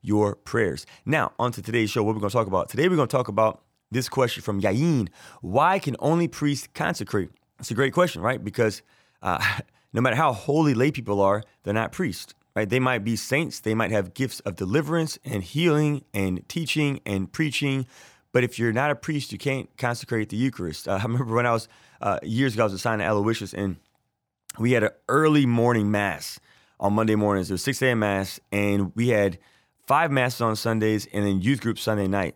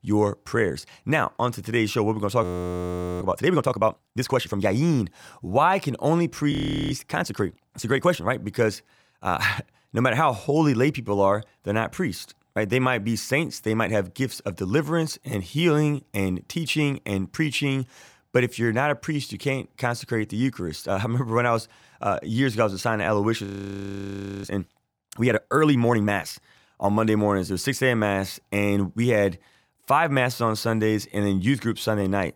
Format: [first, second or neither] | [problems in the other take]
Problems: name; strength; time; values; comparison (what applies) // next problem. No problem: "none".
first | audio freezing; at 2.5 s for 1 s, at 6.5 s and at 23 s for 1 s